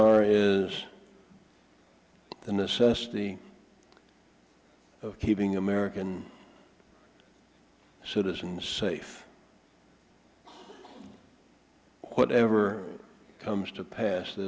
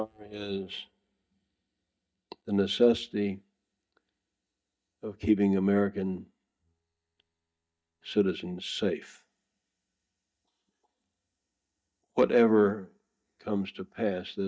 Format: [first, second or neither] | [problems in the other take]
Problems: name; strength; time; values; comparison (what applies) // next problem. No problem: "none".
first | noise reduction (neural mask model DeepFilterNet 3)